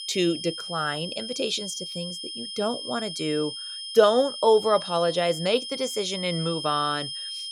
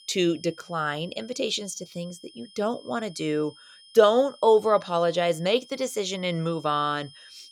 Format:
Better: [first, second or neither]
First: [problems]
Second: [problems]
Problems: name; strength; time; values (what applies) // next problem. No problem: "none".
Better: second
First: high-pitched whine; loud; throughout; 3 kHz, 7 dB below the speech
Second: high-pitched whine; faint; throughout; 3 kHz, 25 dB below the speech